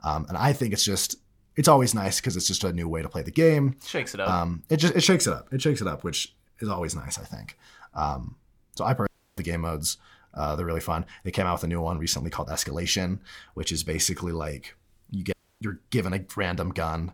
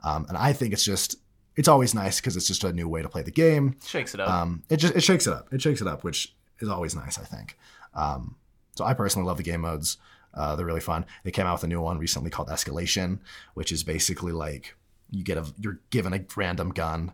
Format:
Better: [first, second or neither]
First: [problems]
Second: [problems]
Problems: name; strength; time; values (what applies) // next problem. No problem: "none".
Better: second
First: audio cutting out; at 9 s and at 15 s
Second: none